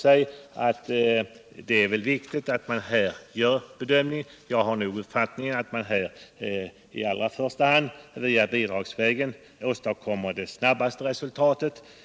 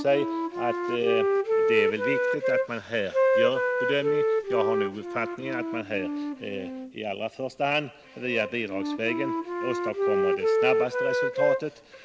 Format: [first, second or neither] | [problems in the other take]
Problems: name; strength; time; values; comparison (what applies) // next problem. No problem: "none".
first | background sound (Wind instrument, woodwind instrument); 3 dB above the speech